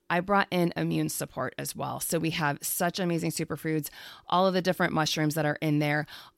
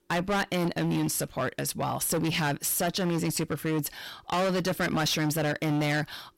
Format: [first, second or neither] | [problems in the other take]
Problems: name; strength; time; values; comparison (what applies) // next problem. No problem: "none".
first | distortion; heavy; 19% of the sound clipped